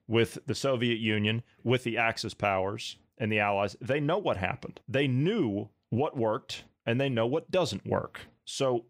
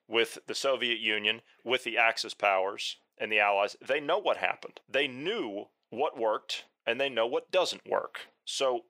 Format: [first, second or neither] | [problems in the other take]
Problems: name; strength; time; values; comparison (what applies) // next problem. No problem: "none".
first | thin; very; fading below 550 Hz